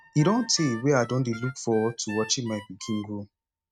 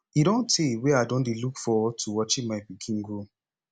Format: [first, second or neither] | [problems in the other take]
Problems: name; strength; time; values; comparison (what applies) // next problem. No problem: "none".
second | noise reduction (neural mask model RNNoise)